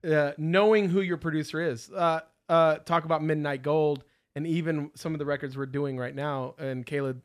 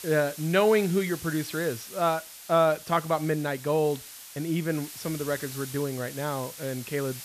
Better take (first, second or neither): first